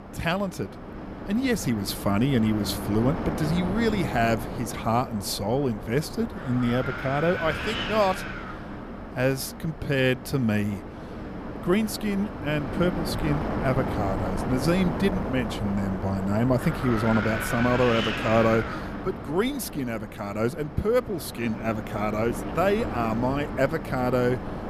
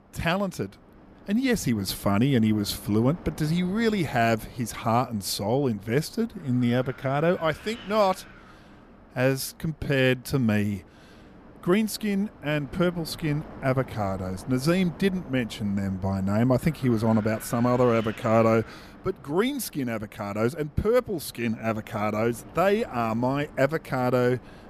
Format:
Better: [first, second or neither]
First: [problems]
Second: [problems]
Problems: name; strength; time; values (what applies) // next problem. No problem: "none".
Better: second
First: wind noise on the microphone; heavy; 6 dB below the speech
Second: wind noise on the microphone; occasional gusts; 20 dB below the speech